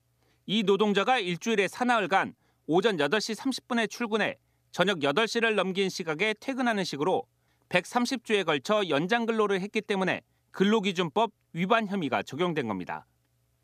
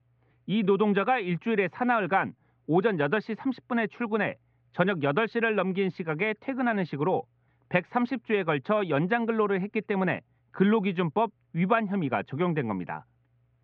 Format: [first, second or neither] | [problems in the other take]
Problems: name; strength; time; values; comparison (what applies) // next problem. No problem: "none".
first | muffled; very; fading above 2.5 kHz